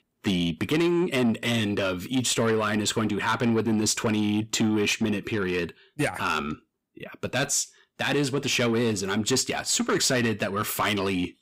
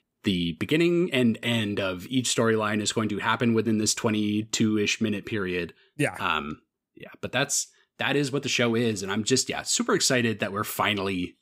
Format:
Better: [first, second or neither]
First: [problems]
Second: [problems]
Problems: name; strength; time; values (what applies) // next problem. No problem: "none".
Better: second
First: distortion; slight; 10 dB below the speech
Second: none